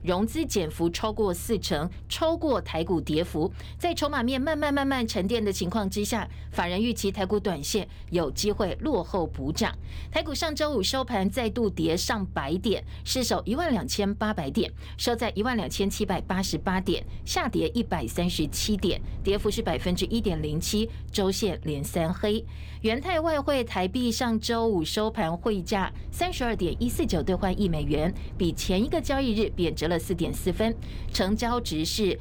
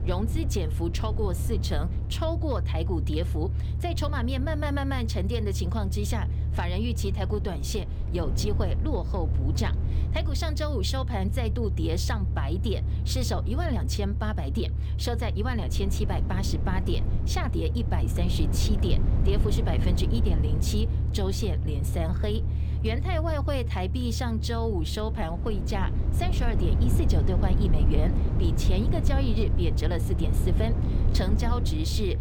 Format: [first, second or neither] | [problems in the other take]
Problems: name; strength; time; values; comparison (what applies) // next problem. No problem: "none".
first | low rumble; loud; throughout; 8 dB below the speech; faint in the first